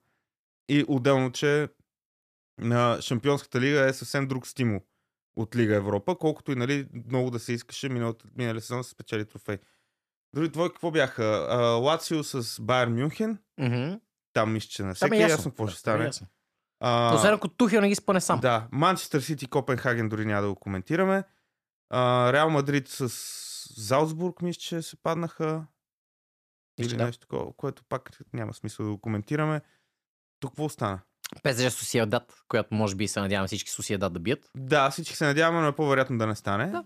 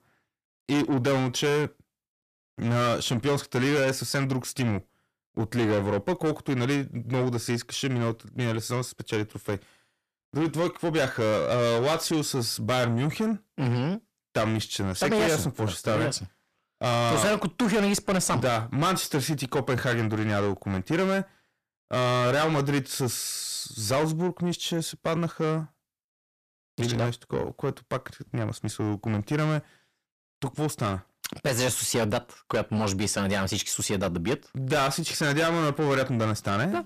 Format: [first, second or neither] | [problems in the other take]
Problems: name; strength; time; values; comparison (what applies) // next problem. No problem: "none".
first | distortion; heavy; 7 dB below the speech